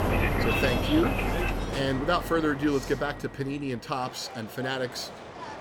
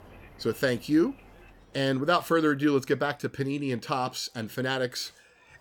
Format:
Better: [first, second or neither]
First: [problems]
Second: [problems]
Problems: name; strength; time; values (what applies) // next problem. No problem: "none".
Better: second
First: train or aircraft noise; loud; throughout; 1 dB below the speech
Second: train or aircraft noise; faint; throughout; 25 dB below the speech